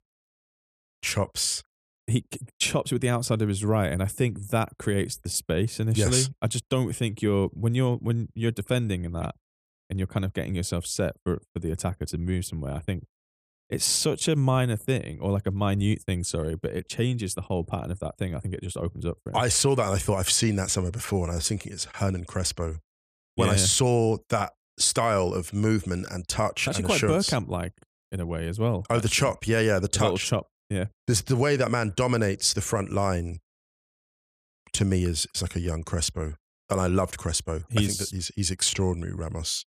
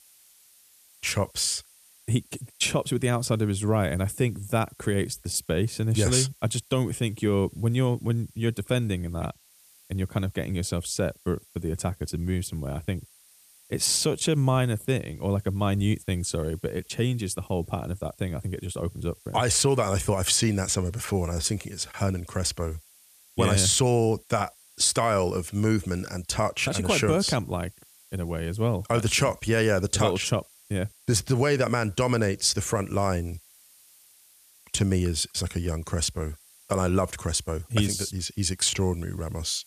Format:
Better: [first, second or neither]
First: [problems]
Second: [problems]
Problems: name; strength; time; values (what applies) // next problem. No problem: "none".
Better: first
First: none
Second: hiss; faint; throughout; 25 dB below the speech